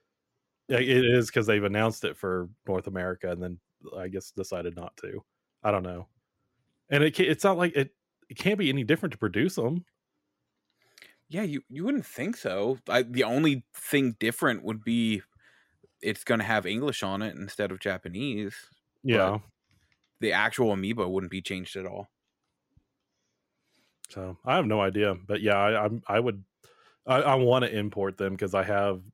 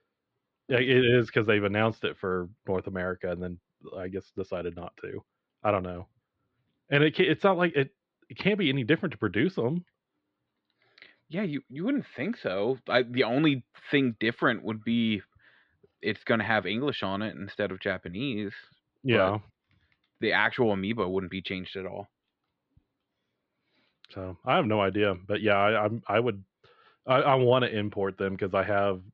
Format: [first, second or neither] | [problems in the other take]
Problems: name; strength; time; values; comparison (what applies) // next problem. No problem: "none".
first | muffled; very slightly; fading above 4 kHz